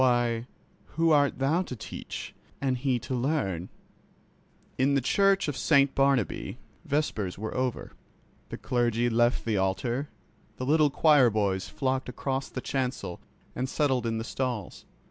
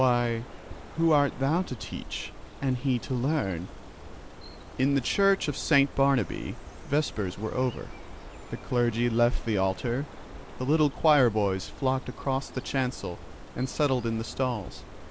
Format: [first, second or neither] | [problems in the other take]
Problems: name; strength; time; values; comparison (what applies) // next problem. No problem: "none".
first | background sound (Bird); 14 dB below the speech